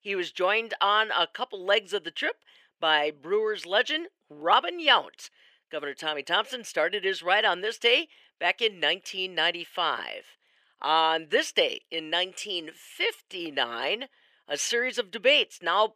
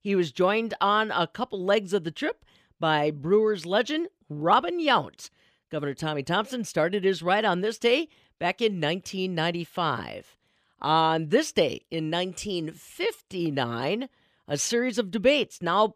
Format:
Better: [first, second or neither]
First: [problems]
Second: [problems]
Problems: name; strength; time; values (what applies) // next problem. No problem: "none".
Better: second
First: thin; very; fading below 500 Hz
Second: none